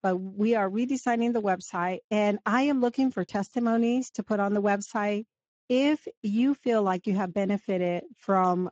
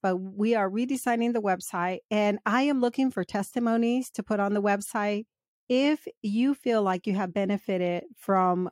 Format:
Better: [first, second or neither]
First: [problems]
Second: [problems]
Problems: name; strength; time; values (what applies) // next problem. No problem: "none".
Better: second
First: garbled, watery; badly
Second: none